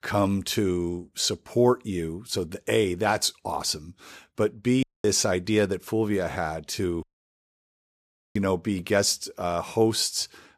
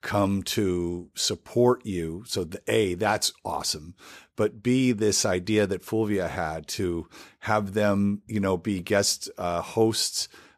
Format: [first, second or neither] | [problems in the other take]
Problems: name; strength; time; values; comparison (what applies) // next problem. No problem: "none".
second | audio cutting out; at 5 s and at 7 s for 1.5 s